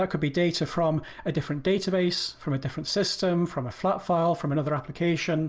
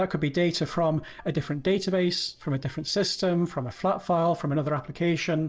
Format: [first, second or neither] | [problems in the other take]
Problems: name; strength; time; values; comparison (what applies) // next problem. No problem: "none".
first | noise reduction (neural separator model SepFormer DNS4)